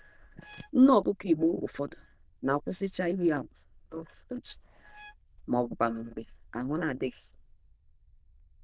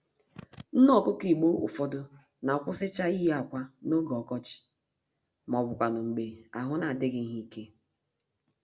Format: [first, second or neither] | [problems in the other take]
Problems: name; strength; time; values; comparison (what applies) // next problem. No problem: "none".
second | noise reduction (neural diffusion model UNIVERSE++)